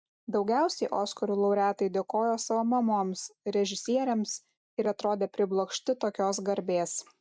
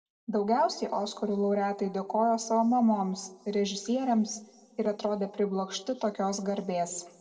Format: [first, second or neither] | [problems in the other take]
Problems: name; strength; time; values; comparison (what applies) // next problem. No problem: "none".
first | room echo; dies away in 1.3 s